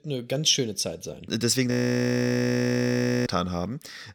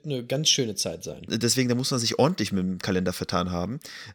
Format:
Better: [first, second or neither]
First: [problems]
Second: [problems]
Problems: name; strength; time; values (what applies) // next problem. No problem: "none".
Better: second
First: audio freezing; at 1.5 s for 1.5 s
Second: none